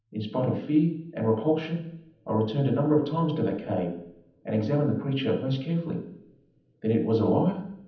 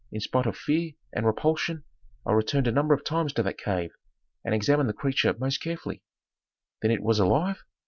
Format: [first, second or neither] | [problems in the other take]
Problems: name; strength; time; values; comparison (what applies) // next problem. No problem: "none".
second | room echo; dies away in 0.8 s